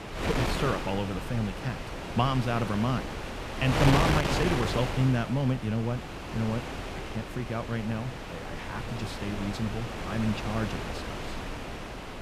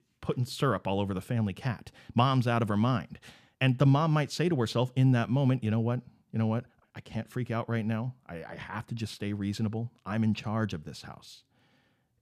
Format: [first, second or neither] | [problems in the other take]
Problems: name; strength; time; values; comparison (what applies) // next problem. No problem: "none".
second | wind noise on the microphone; heavy; as loud as the speech